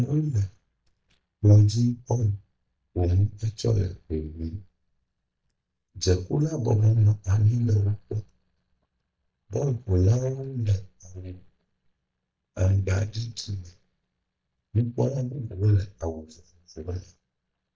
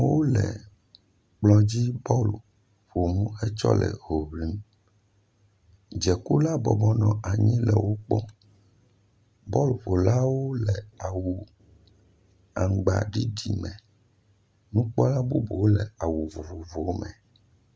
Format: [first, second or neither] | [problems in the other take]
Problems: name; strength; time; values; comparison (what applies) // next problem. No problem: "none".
second | noise reduction (neural mask model DeepFilterNet 3)